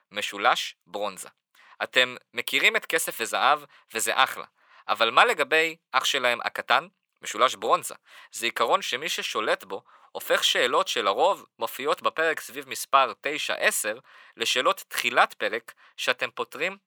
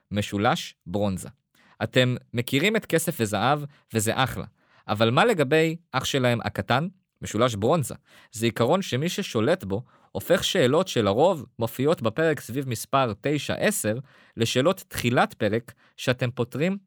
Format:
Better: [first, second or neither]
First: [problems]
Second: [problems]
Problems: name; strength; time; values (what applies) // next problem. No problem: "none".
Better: second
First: thin; very; fading below 600 Hz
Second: none